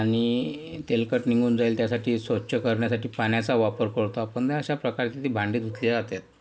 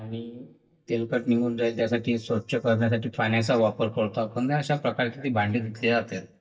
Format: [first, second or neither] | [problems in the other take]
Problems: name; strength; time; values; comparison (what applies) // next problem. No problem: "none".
first | noise reduction (neural mask model DeepFilterNet 3)